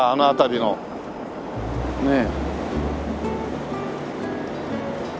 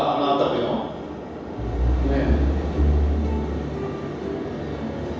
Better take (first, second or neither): first